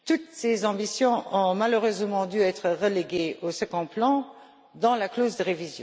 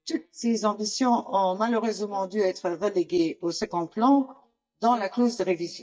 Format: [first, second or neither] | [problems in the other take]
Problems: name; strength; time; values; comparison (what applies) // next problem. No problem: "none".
first | noise reduction (neural mask model DeepFilterNet 3)